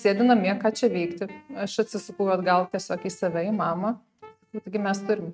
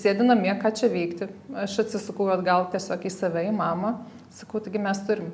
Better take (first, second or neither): second